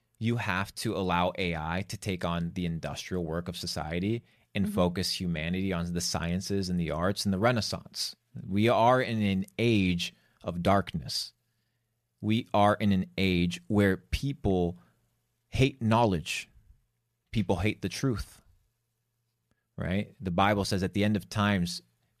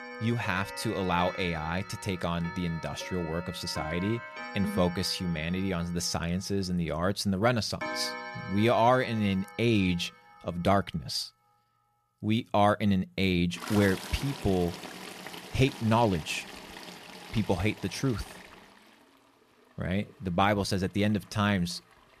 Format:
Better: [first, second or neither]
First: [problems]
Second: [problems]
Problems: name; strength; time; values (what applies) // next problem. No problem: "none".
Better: first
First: none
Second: household noises; noticeable; throughout; 10 dB below the speech